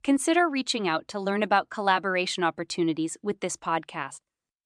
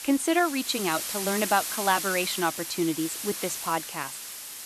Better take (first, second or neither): first